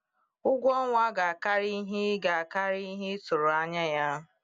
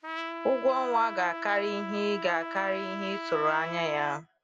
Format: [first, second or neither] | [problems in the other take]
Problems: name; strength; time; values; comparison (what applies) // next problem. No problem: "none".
first | background sound (Trumpet); 8 dB below the speech